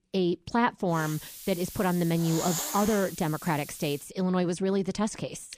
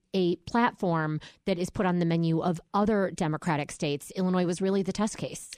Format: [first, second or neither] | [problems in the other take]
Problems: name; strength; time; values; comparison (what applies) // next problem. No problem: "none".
second | hiss; loud; from 1 to 4 s; 8 dB below the speech